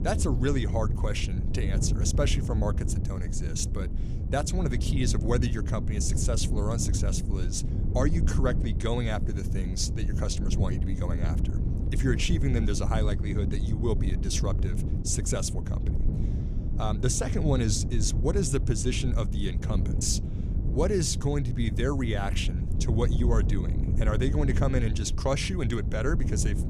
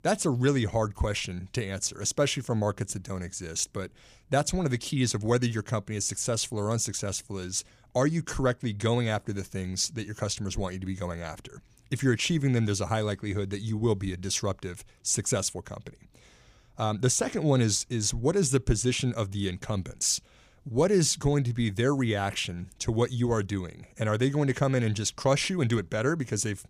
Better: second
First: wind noise on the microphone; heavy; 9 dB below the speech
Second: none

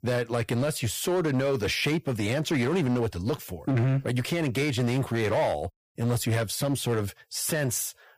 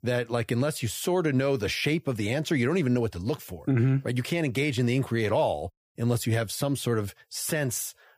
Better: second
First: distortion; slight; 11% of the sound clipped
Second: none

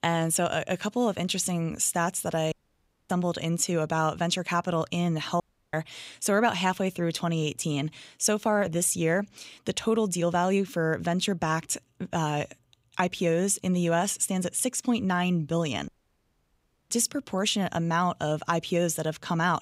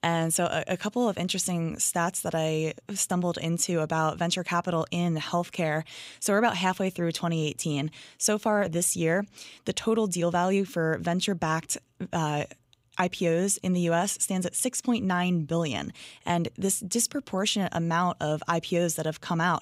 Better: second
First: audio cutting out; at 2.5 s for 0.5 s, at 5.5 s and at 16 s for 1 s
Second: none

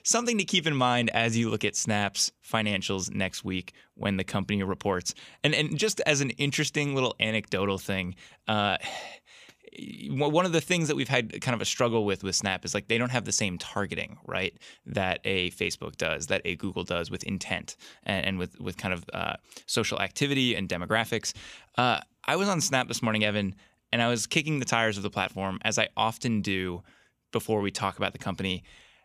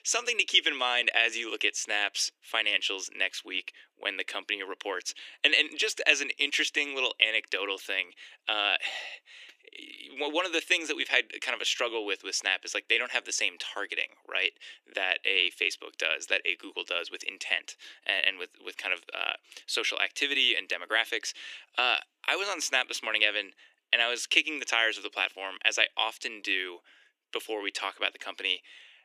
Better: first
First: none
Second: thin; very; fading below 300 Hz

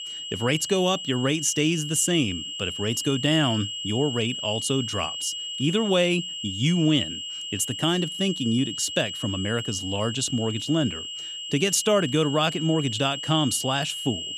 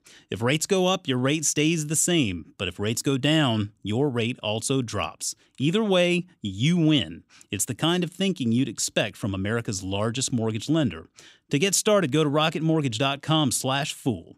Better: second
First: high-pitched whine; loud; throughout; 3 kHz, 6 dB below the speech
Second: none

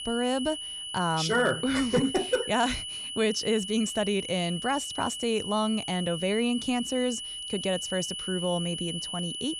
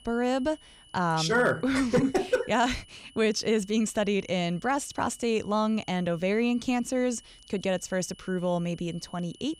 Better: second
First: high-pitched whine; loud; throughout; 3 kHz, 5 dB below the speech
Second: high-pitched whine; faint; throughout; 3 kHz, 25 dB below the speech

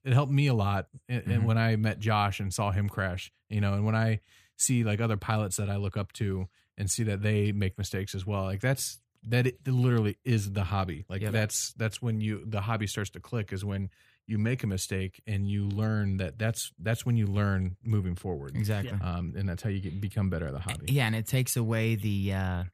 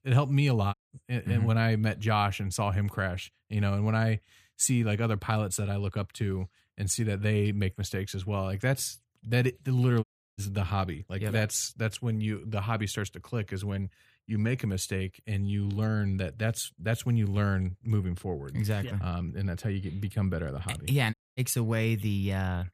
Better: first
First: none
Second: audio cutting out; at 0.5 s, at 10 s and at 21 s

